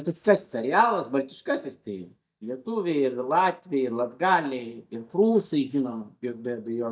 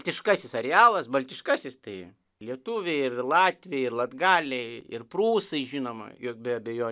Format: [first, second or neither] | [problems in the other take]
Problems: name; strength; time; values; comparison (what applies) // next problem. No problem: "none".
second | noise reduction (neural mask model DeepFilterNet 3)